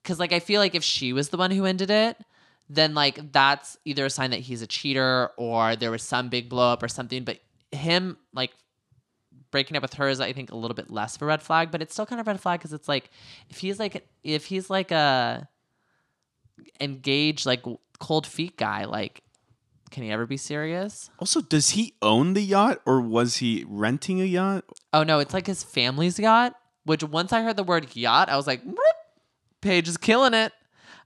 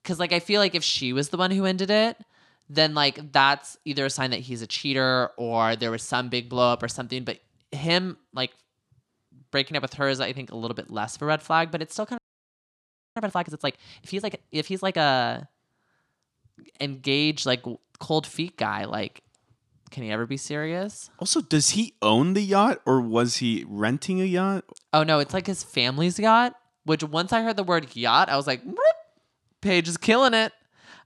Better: first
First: none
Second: audio freezing; at 12 s for 1 s

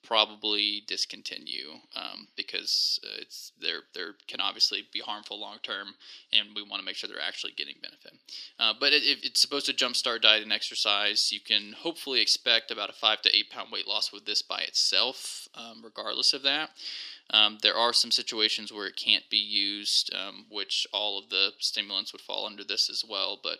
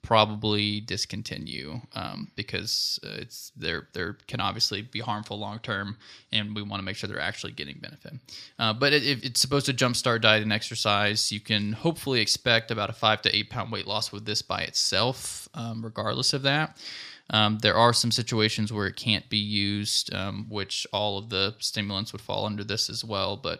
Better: second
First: thin; somewhat; fading below 300 Hz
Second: none

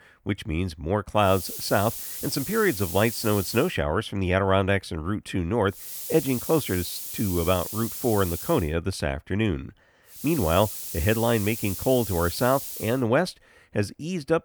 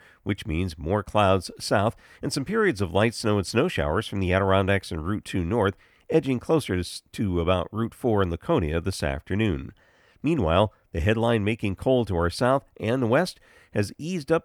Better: second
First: hiss; loud; from 1.5 to 3.5 s, from 6 to 8.5 s and from 10 to 13 s; 7 dB below the speech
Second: none

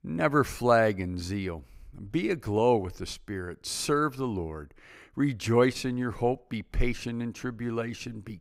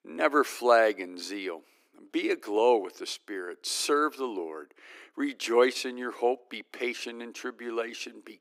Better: first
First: none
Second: thin; somewhat; fading below 300 Hz

